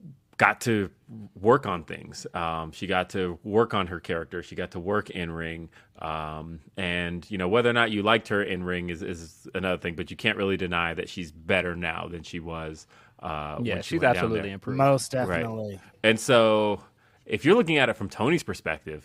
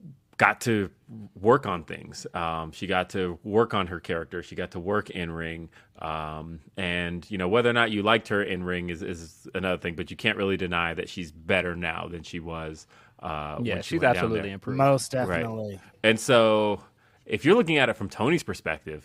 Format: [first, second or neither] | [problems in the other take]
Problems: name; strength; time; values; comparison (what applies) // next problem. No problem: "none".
neither | none